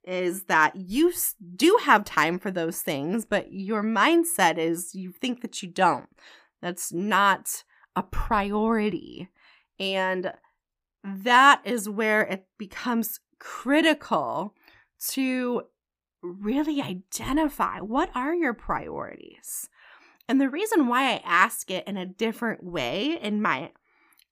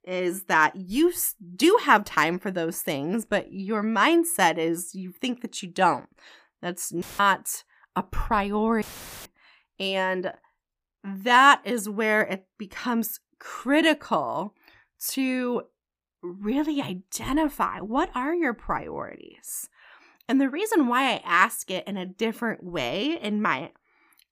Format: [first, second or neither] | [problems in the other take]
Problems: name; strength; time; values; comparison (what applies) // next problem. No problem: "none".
first | audio cutting out; filled with static; at 7 s and at 9 s